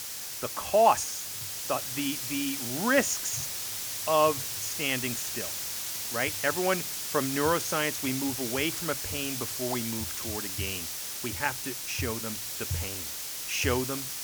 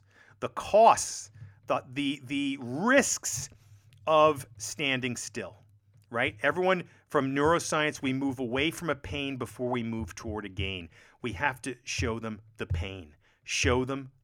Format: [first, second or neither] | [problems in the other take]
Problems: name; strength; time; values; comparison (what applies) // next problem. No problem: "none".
second | hiss; loud; throughout; 2 dB below the speech